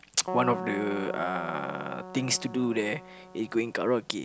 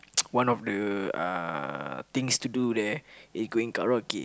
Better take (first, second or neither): second